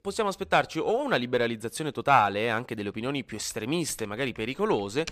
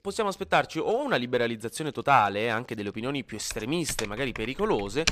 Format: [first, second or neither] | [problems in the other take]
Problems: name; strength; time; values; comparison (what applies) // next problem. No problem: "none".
first | household noises; loud; throughout; 10 dB below the speech; faint in the first